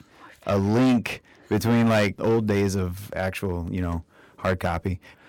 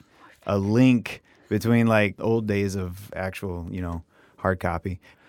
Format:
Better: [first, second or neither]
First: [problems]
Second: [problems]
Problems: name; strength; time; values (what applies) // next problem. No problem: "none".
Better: second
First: distortion; heavy; 8% of the sound clipped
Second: none